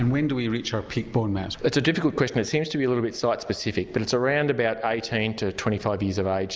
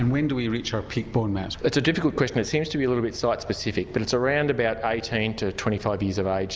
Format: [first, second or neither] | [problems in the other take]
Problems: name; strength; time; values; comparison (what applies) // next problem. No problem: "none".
first | background sound (Bus); 19 dB below the speech